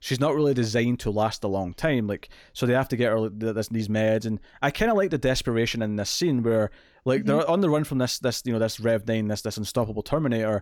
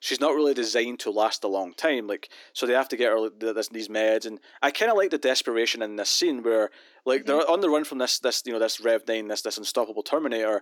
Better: first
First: none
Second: thin; somewhat; fading below 300 Hz

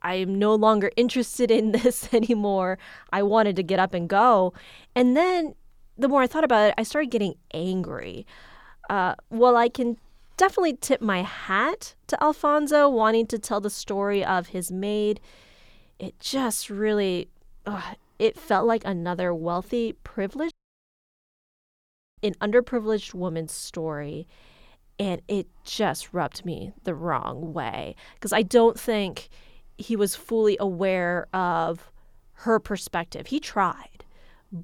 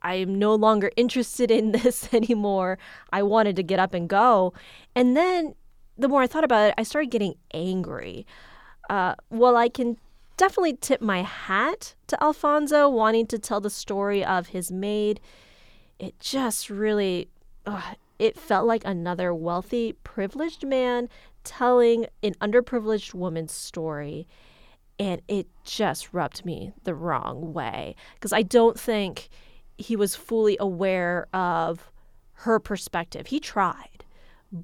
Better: second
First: audio cutting out; at 21 s for 1.5 s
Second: none

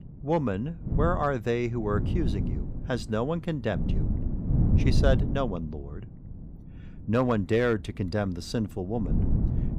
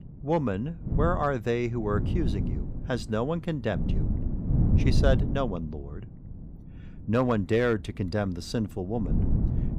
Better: neither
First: wind noise on the microphone; heavy; 10 dB below the speech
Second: wind noise on the microphone; heavy; 10 dB below the speech

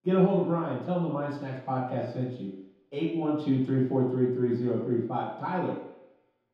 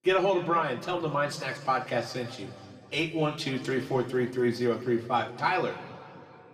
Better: second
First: room echo; strong; dies away in 0.8 s // off-mic speech; far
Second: room echo; slight; dies away in 2.3 s // off-mic speech; somewhat distant

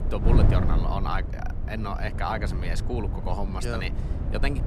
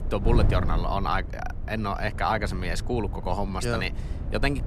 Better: second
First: wind noise on the microphone; heavy; 6 dB below the speech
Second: wind noise on the microphone; occasional gusts; 15 dB below the speech

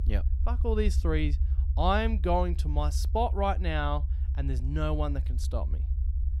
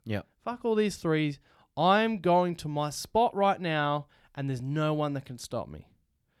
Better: second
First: low rumble; noticeable; throughout; 20 dB below the speech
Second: none

